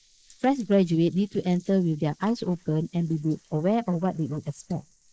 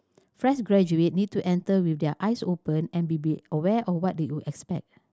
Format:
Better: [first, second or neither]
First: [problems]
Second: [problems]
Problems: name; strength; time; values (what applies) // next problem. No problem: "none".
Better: second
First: noise reduction (neural mask model Resemble Enhance denoiser)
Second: none